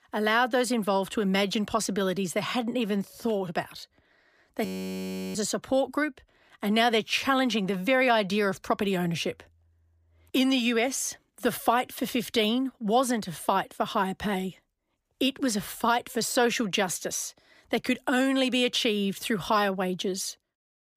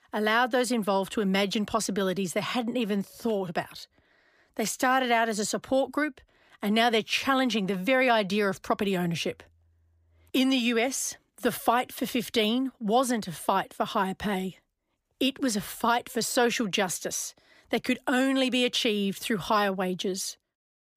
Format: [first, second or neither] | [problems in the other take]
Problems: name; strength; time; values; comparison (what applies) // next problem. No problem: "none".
second | audio freezing; at 4.5 s for 0.5 s